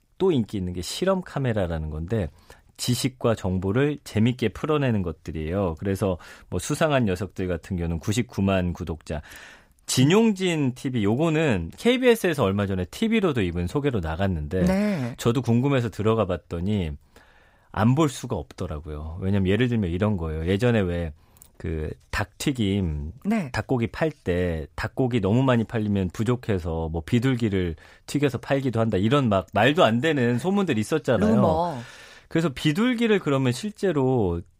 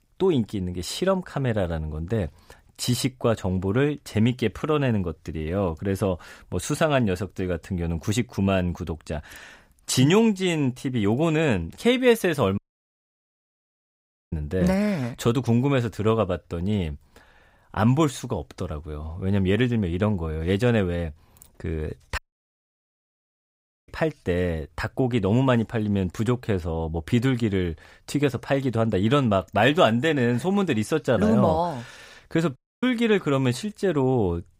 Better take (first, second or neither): first